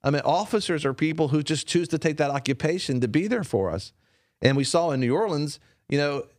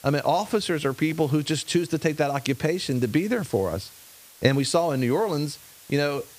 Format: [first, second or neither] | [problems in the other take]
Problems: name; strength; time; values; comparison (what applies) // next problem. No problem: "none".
first | hiss; faint; throughout; 20 dB below the speech